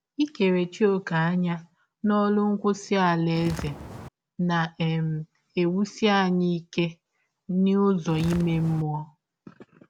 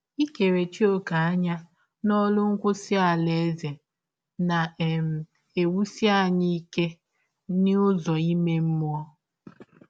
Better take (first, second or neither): second